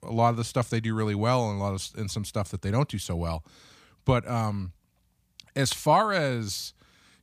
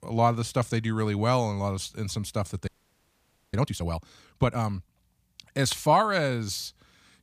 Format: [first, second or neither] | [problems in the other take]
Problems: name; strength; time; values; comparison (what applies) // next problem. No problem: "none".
first | audio freezing; at 2.5 s for 1 s